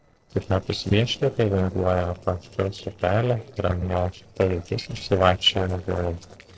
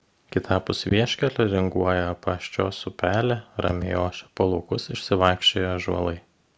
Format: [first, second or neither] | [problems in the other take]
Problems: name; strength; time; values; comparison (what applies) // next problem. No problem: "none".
second | noise reduction (neural separator model SepFormer DNS4)